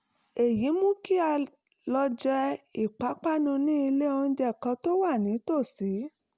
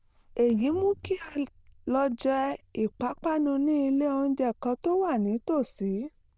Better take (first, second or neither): first